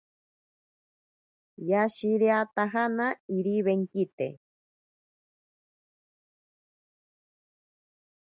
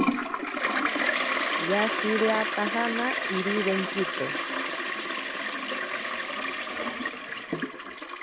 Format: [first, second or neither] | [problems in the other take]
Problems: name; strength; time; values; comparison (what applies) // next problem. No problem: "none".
first | background sound (Toilet flush); 3 dB above the speech